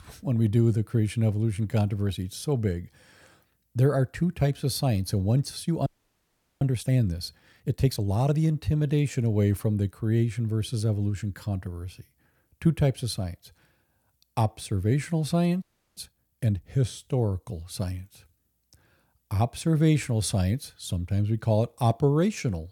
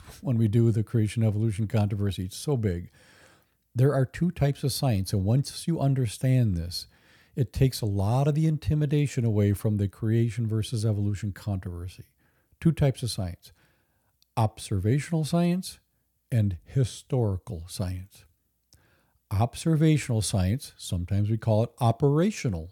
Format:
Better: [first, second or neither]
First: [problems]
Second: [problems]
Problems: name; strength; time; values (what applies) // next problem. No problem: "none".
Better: second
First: audio freezing; at 6 s for 1 s and at 16 s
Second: none